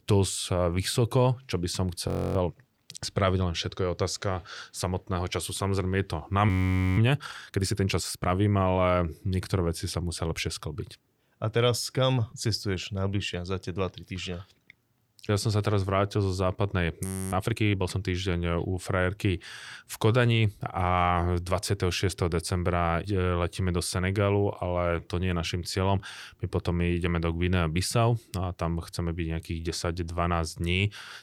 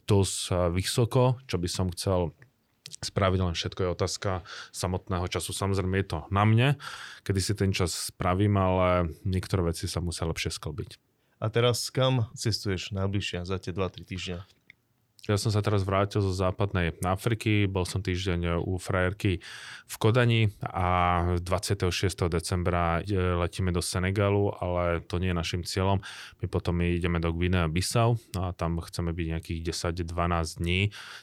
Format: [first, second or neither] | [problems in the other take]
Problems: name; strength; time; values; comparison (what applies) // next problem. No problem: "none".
second | audio freezing; at 2 s, at 6.5 s and at 17 s